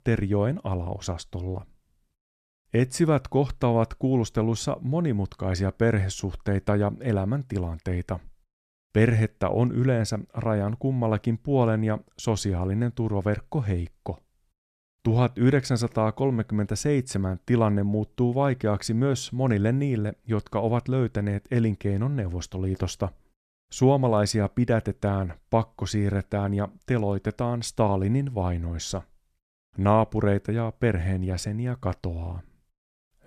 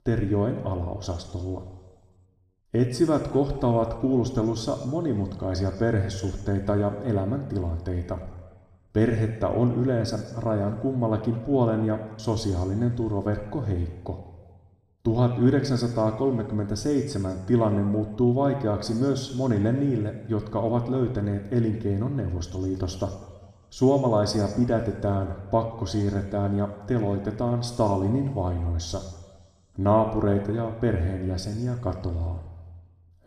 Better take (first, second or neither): first